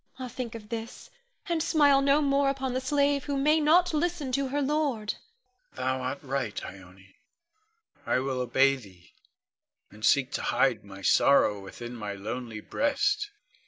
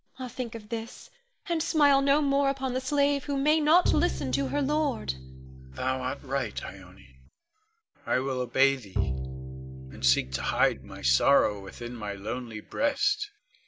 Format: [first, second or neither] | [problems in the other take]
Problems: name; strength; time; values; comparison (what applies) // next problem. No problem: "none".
first | background sound (Bowed string instrument); 7 dB below the speech